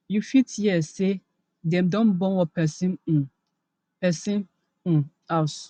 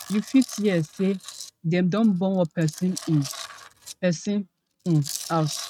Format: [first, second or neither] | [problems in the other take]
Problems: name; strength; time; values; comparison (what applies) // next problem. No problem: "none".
first | noise reduction (neural mask model RNNoise)